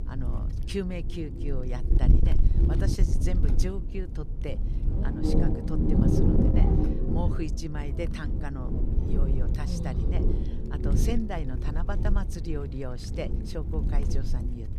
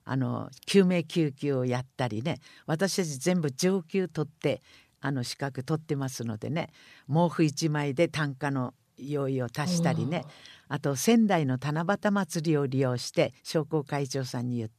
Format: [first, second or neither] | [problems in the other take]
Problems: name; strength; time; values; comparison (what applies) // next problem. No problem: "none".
second | wind noise on the microphone; heavy; 2 dB above the speech